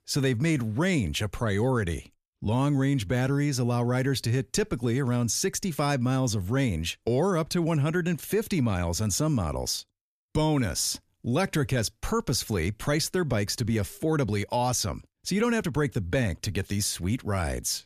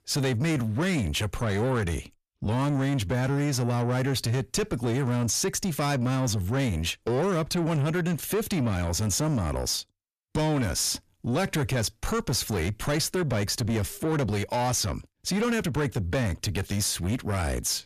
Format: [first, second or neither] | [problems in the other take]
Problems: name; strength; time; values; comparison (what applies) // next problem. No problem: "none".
first | distortion; slight; 10 dB below the speech